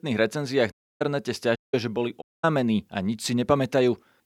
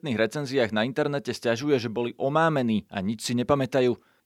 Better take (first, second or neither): second